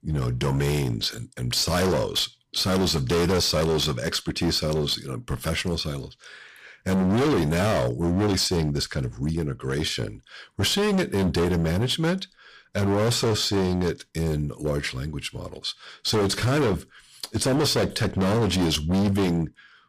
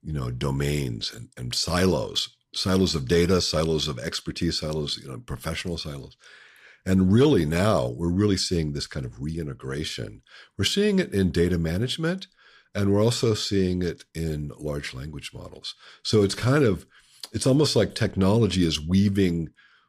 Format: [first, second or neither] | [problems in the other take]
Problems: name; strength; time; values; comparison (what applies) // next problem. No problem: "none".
second | distortion; heavy; 19% of the sound clipped